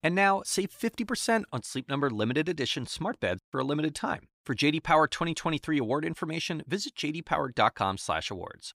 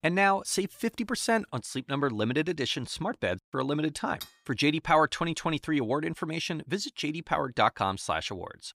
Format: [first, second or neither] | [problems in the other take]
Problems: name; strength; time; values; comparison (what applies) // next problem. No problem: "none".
first | clattering dishes; faint; at 4 s; peak 15 dB below the speech